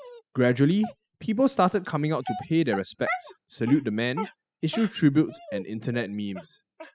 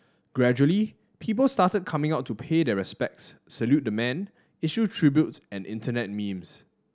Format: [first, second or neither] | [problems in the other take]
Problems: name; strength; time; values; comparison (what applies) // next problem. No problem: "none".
second | noise reduction (classical method spectral subtraction)